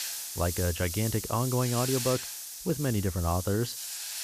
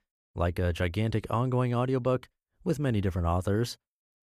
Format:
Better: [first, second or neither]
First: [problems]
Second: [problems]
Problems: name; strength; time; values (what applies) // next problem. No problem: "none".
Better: second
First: hiss; loud; throughout; 5 dB below the speech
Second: none